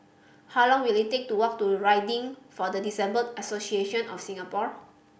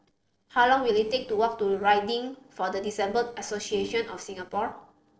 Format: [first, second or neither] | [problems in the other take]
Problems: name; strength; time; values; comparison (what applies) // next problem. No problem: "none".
first | noise reduction (neural separator model SepFormer DNS4)